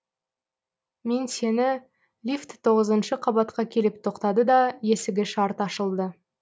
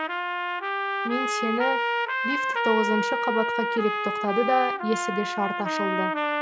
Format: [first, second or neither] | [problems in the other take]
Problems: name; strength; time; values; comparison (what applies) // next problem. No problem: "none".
first | background sound (Trumpet); 1 dB above the speech